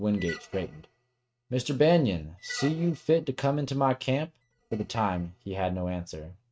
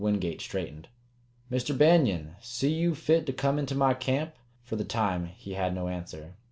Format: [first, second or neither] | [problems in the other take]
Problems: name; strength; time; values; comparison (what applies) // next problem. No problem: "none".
second | noise reduction (neural mask model RNNoise)